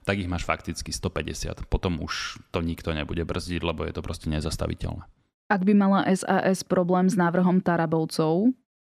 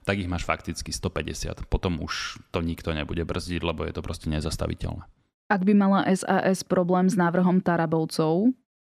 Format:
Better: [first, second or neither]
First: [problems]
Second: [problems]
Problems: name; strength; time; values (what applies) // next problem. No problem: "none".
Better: neither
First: none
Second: none